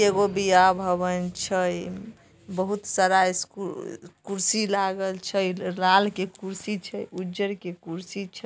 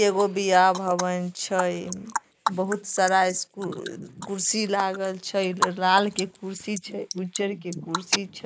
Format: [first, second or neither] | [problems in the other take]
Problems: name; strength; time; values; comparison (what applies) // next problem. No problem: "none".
first | noise reduction (neural mask model Resemble Enhance denoiser)